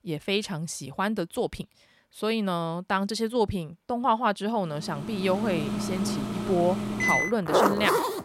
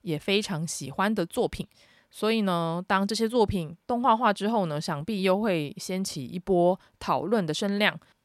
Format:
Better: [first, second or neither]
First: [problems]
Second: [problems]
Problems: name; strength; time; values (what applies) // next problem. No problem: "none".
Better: second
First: household noises; very loud; from 5 s on; 1 dB above the speech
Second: none